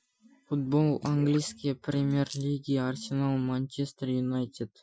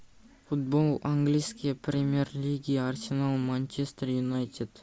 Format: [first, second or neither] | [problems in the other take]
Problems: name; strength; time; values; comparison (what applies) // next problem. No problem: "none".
second | noise reduction (classical method Wiener filter)